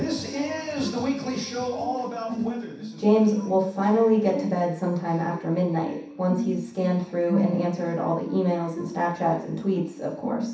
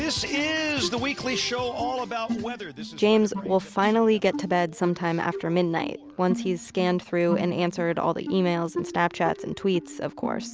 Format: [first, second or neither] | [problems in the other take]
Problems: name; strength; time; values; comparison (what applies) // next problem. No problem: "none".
second | room echo; dies away in 0.7 s